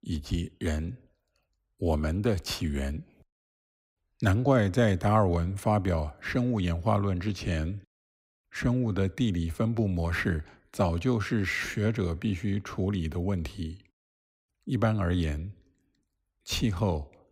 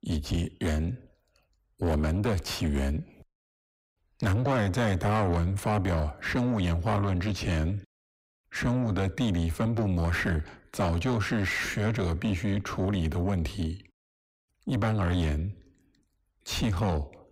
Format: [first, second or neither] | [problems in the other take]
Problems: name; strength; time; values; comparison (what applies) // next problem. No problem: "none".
first | distortion; heavy; 6 dB below the speech